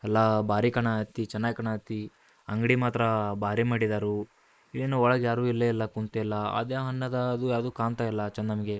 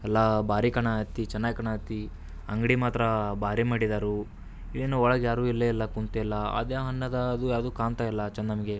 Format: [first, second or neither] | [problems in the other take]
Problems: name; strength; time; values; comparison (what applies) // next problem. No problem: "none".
second | noise reduction (neural mask model Resemble Enhance denoiser)